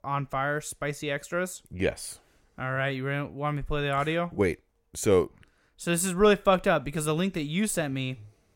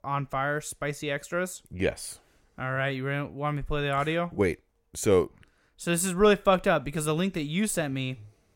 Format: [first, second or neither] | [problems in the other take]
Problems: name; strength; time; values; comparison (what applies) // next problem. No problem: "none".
neither | none